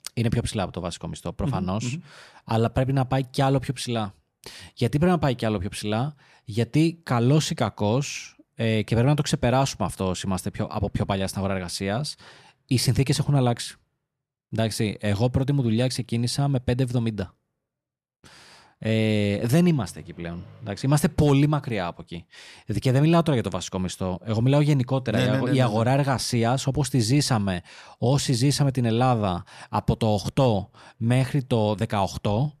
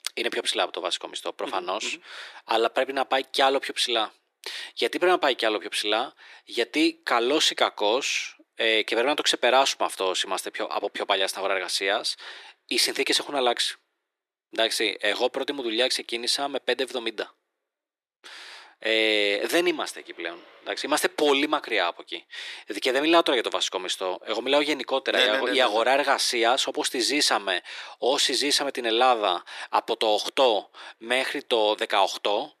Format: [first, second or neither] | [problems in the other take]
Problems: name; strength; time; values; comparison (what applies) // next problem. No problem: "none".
first | thin; very; fading below 350 Hz